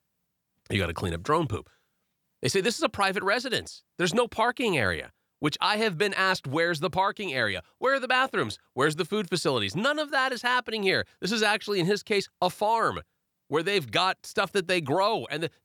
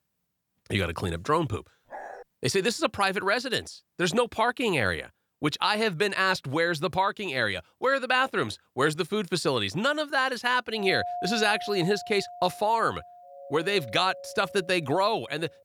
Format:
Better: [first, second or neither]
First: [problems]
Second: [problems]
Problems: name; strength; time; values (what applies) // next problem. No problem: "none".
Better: first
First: none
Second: dog barking; faint; at 2 s; peak 15 dB below the speech // doorbell; noticeable; from 11 s on; peak 7 dB below the speech